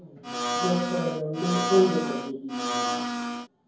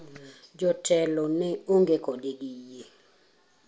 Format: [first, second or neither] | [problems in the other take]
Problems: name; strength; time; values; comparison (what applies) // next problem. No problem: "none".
second | background sound (Domestic sounds, home sounds); 1 dB below the speech // room echo; dies away in 0.9 s